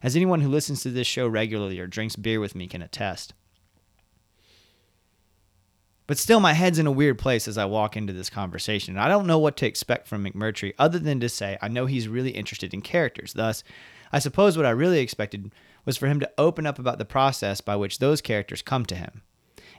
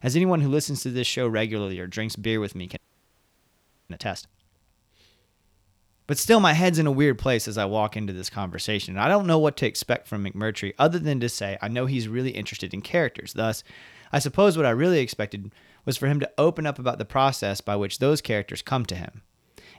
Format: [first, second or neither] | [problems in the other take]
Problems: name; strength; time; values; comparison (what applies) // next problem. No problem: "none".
first | audio freezing; at 3 s for 1 s